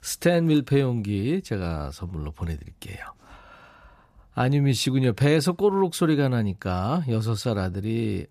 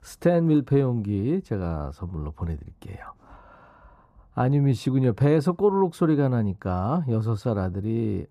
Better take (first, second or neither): first